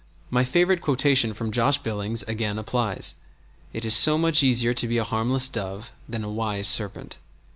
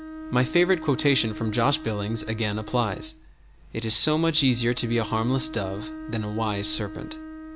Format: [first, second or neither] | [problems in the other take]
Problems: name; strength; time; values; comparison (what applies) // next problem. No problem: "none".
first | background sound (Bowed string instrument); 12 dB below the speech